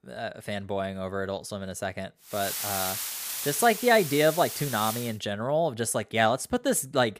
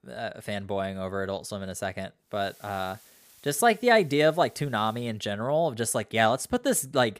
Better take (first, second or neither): second